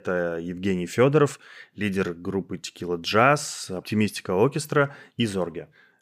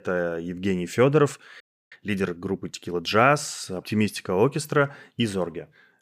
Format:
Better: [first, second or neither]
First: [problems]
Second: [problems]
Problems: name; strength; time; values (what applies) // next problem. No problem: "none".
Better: first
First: none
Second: audio freezing; at 1.5 s